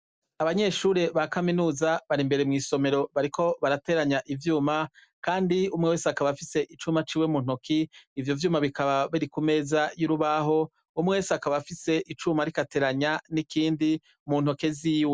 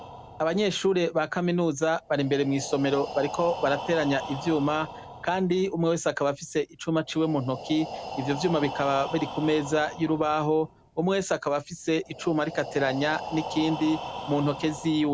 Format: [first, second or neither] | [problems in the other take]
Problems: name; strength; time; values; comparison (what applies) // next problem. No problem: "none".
first | background sound (Breathing); 12 dB below the speech